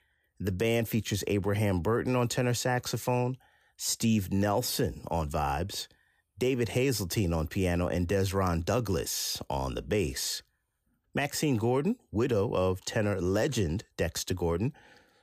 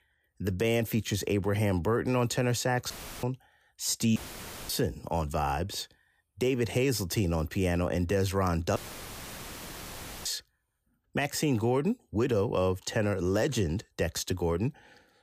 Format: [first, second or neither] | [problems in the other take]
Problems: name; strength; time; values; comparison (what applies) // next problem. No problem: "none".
first | audio cutting out; filled with static; at 3 s, at 4 s for 0.5 s and at 9 s for 1.5 s